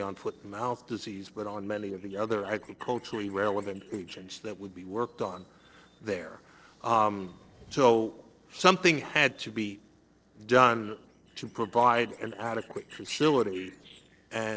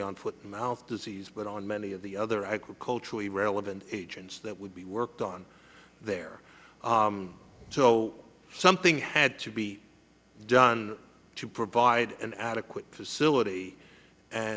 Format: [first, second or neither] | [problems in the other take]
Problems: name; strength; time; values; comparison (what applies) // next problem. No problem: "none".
second | noise reduction (neural separator model SepFormer DNS4)